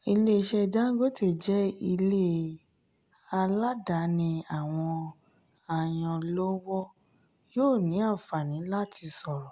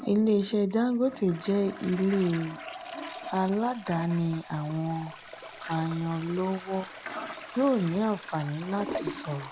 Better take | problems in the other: first | background sound (Toilet flush); 13 dB below the speech

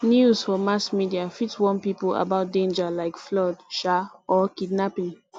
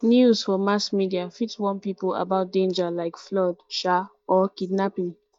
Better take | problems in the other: first | noise reduction (neural mask model DeepFilterNet 3)

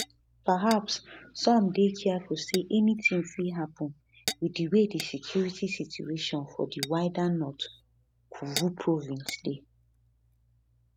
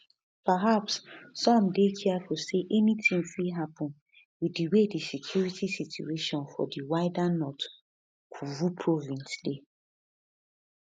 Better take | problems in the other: second | background sound (Tap / Glass); 15 dB below the speech

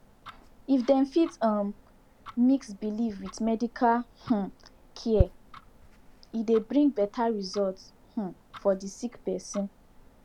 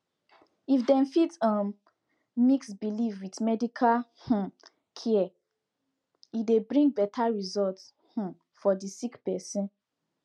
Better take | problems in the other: second | background sound (Tick-tock); 11 dB below the speech

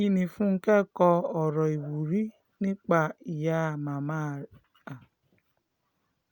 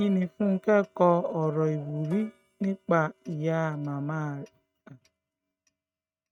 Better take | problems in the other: first | noise reduction (neural mask model RNNoise)

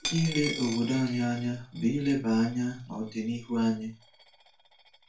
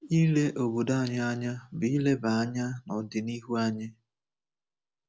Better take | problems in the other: second | background sound (Coin (dropping)); 12 dB below the speech // room echo; dies away in 0.2 s

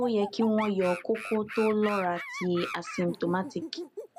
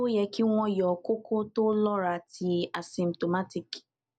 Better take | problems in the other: second | background sound (Animal); 11 dB below the speech

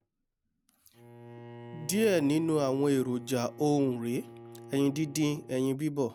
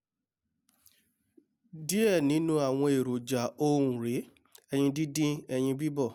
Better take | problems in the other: second | background sound (Bowed string instrument); 19 dB below the speech

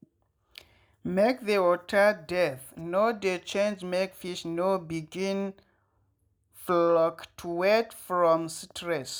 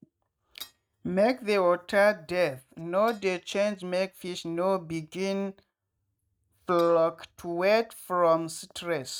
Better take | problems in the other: first | noise reduction (neural mask model RNNoise)

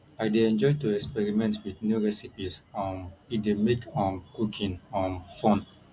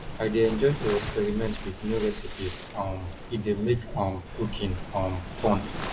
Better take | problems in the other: first | background sound (Waves, surf); 8 dB below the speech // room echo; dies away in 0.8 s

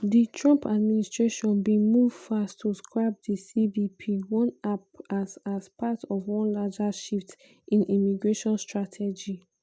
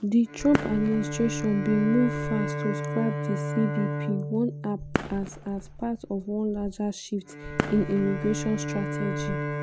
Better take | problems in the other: first | background sound (Bowed string instrument + Fireworks); 4 dB below the speech

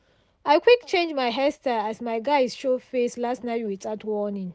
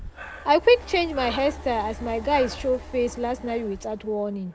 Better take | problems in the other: first | background sound (Breathing); 14 dB below the speech

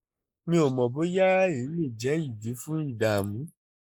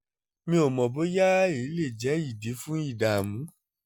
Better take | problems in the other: second | noise reduction (neural mask model Resemble Enhance denoiser)

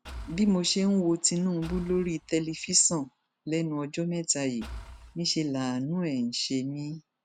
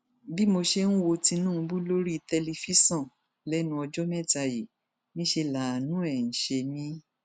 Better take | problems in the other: second | background sound (Engine / Car); 16 dB below the speech

